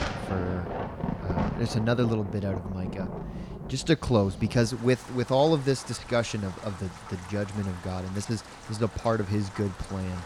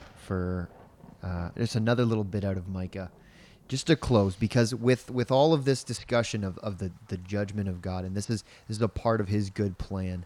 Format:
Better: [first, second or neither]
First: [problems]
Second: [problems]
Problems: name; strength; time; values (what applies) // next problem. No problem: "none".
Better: second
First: rain or running water; loud; throughout; 10 dB below the speech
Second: rain or running water; faint; throughout; 30 dB below the speech